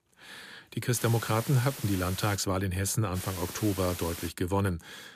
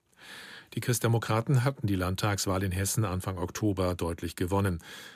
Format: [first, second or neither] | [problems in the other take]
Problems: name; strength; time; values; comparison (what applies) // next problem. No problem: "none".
second | hiss; noticeable; from 1 to 2.5 s and from 3 to 4.5 s; 10 dB below the speech